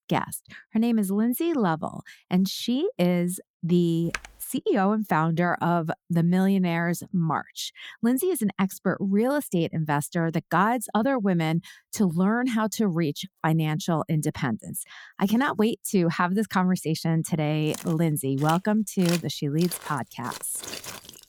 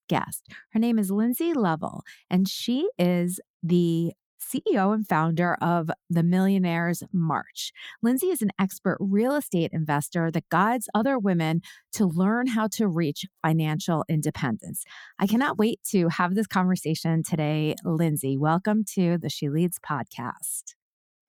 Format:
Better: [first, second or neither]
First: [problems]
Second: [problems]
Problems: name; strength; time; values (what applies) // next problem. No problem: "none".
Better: second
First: keyboard typing; faint; at 4 s; peak 10 dB below the speech // footsteps; noticeable; from 18 s on; peak 8 dB below the speech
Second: none